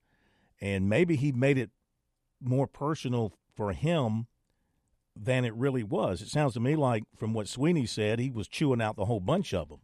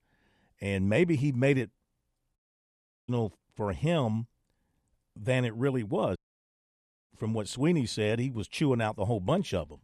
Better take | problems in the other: first | audio cutting out; at 2.5 s for 0.5 s and at 6 s for 1 s

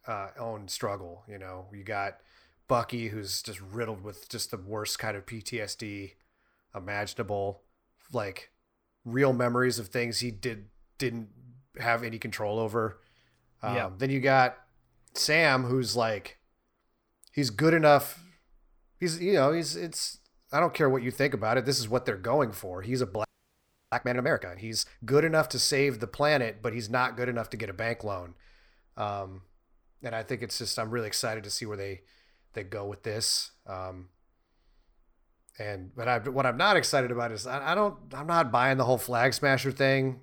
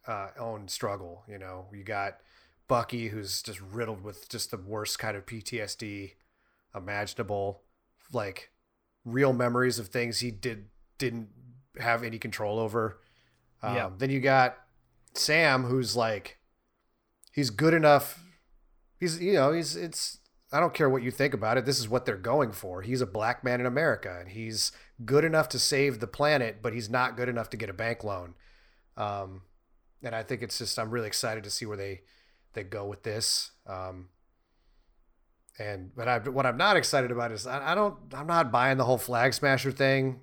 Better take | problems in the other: second | audio freezing; at 23 s for 0.5 s

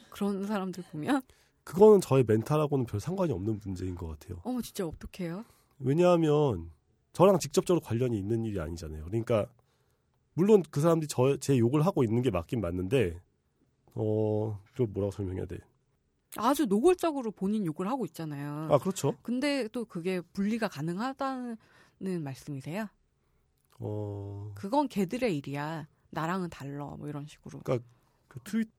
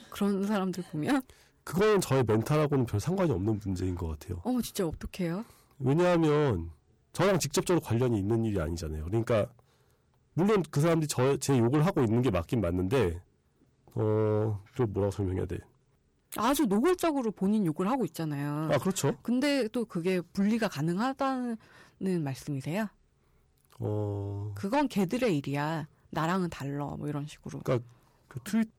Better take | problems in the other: first | distortion; heavy; 6 dB below the speech

